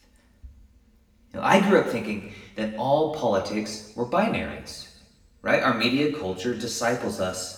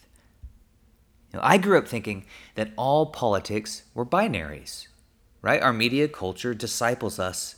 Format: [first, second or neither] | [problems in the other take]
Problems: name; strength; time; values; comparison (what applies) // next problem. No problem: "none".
second | room echo; slight; dies away in 0.9 s // off-mic speech; far